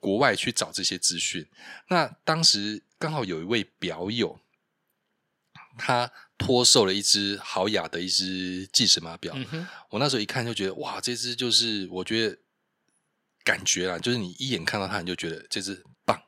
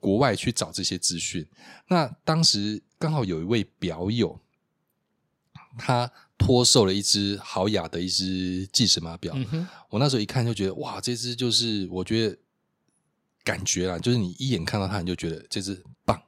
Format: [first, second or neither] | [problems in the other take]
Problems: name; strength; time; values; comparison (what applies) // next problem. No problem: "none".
second | thin; very slightly; fading below 350 Hz